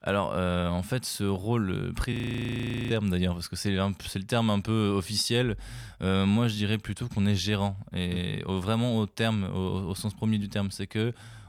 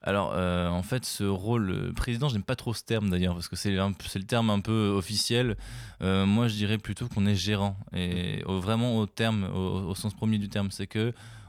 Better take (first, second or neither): second